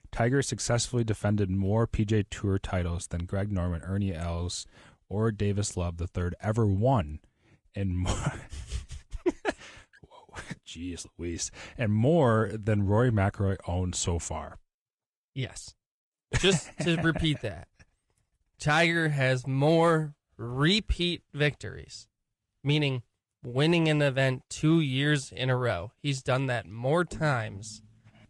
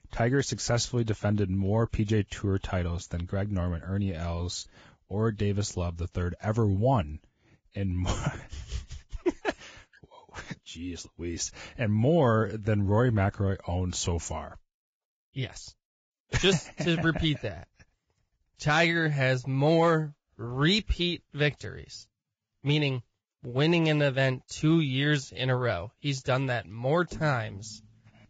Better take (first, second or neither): first